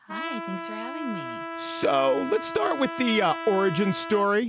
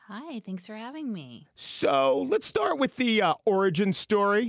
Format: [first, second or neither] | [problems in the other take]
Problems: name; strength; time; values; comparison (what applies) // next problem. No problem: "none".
second | background sound (Trumpet); 9 dB below the speech